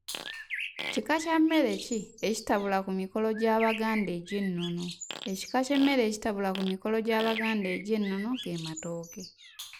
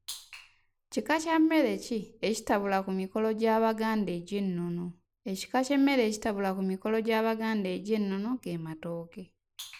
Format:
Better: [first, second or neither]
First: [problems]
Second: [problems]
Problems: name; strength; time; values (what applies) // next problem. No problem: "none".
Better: second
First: background sound (Bird + Fart); 12 dB below the speech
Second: none